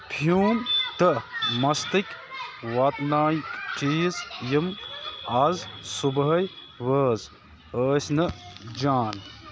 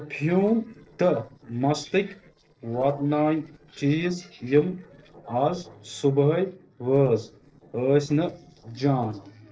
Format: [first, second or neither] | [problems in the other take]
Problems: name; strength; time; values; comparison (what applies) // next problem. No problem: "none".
first | noise reduction (neural separator model SepFormer DNS4)